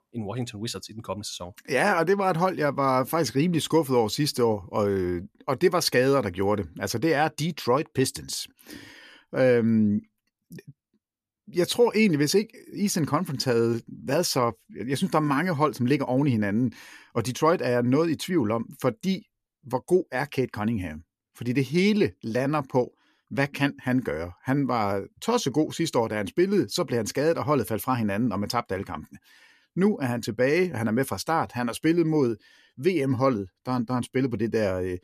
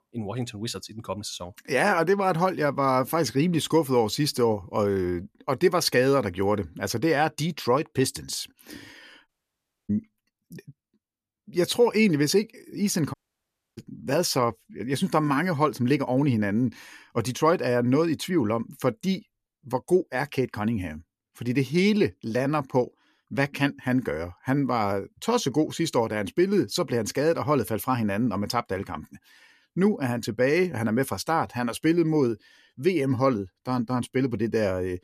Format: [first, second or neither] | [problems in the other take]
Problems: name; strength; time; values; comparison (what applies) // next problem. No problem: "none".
first | audio cutting out; at 9.5 s for 0.5 s and at 13 s for 0.5 s